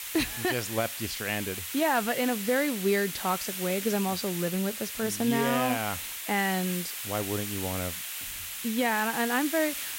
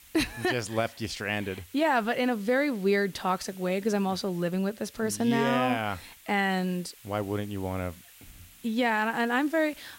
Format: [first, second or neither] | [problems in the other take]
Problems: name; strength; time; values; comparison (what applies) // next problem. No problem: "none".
second | hiss; loud; throughout; 5 dB below the speech; faint in the second